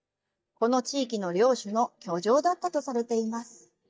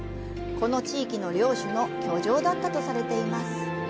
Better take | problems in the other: second | noise reduction (neural mask model DeepFilterNet 3)

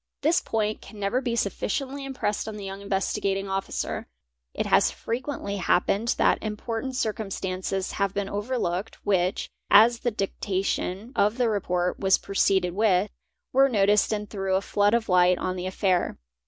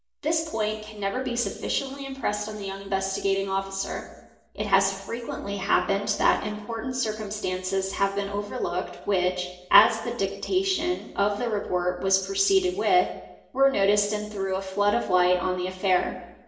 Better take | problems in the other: first | room echo; dies away in 0.8 s

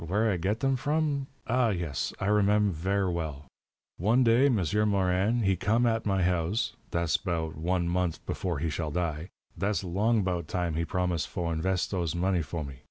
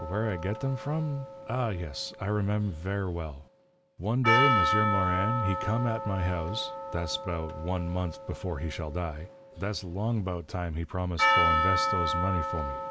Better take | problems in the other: first | background sound (Percussion); 1 dB below the speech

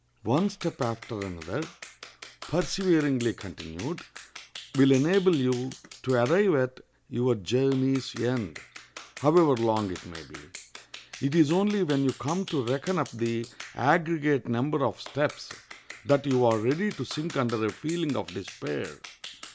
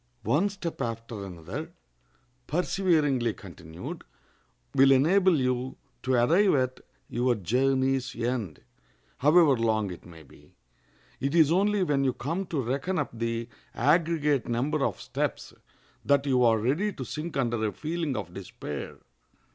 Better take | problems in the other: second | background sound (Clapping); 18 dB below the speech

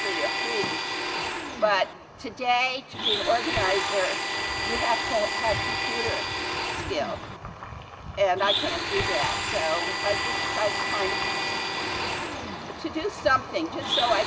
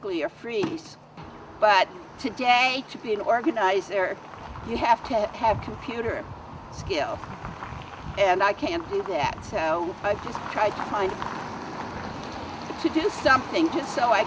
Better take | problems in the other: second | background sound (Domestic sounds, home sounds); 1 dB below the speech // room echo; dies away in 0.9 s

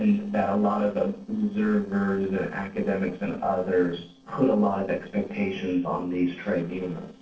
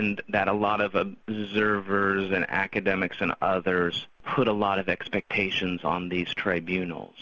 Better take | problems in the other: second | noise reduction (neural separator model SepFormer DNS4)

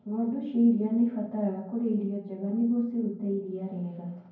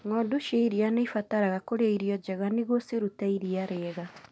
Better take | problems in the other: second | room echo; dies away in 0.9 s

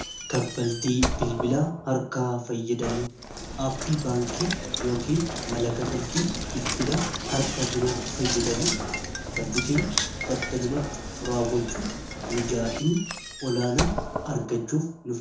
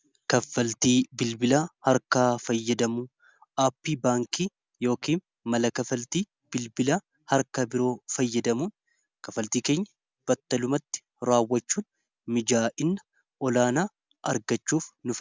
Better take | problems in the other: second | background sound (Knock); 4 dB below the speech // room echo; dies away in 0.6 s

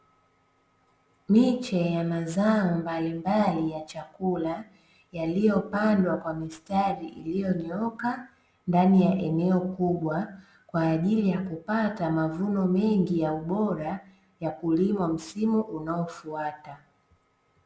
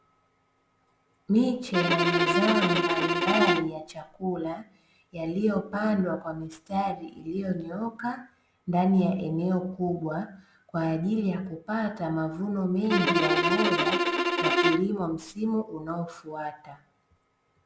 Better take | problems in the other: first | background sound (Bowed string instrument); 3 dB above the speech

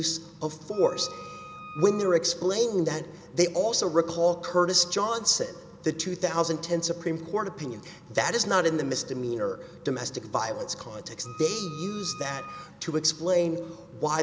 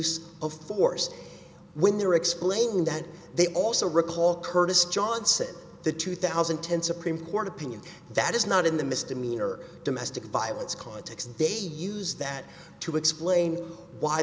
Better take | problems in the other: second | background sound (Wind instrument, woodwind instrument); 16 dB below the speech

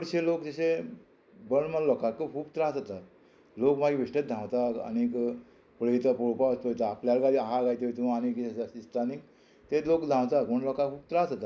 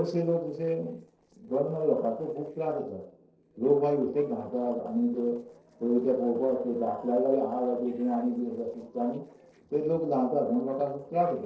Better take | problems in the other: first | noise reduction (neural separator model SepFormer DNS4)

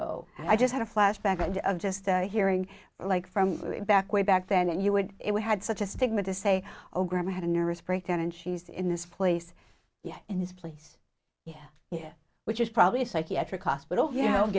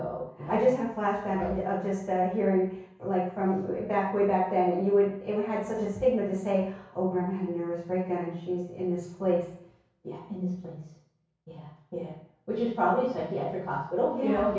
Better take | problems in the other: first | room echo; dies away in 0.6 s

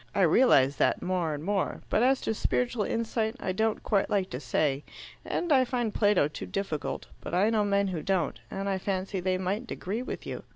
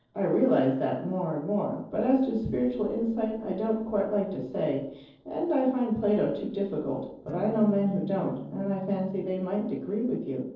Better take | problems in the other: first | noise reduction (neural separator model SepFormer DNS4)

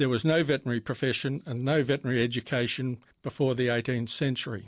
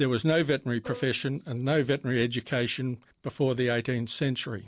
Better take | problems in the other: first | background sound (Bowed string instrument); 16 dB below the speech

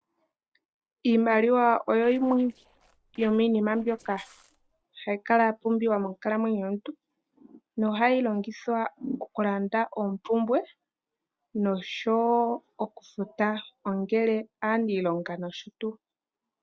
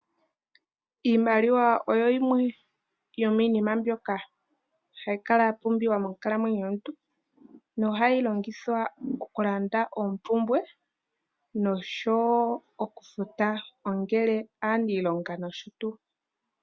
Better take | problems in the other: second | noise reduction (neural separator model SepFormer DNS4)

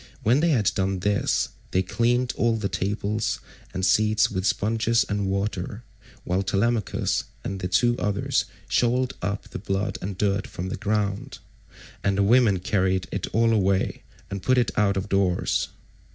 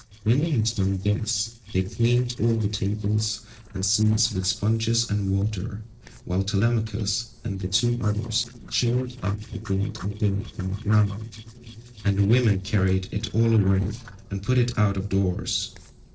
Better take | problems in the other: first | noise reduction (neural separator model SepFormer DNS4)

